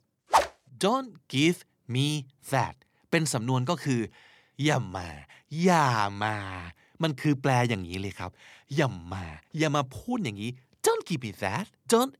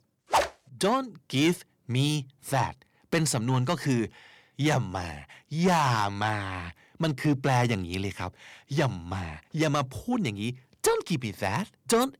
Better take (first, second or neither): first